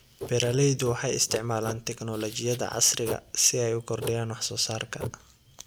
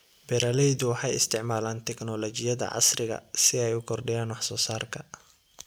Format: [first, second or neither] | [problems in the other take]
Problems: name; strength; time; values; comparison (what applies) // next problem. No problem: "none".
second | background sound (Writing); 14 dB below the speech